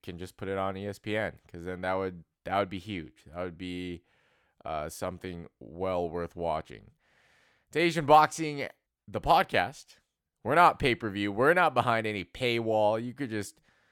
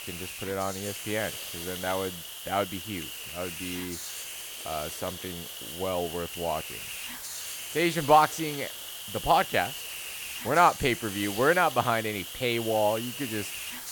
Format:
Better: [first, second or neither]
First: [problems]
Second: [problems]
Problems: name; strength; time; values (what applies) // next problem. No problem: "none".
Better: first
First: none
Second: hiss; loud; throughout; 8 dB below the speech